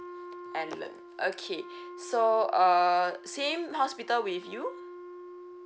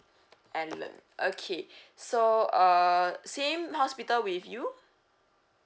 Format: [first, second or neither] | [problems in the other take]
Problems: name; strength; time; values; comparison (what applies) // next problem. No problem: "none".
second | background sound (Wind instrument, woodwind instrument); 15 dB below the speech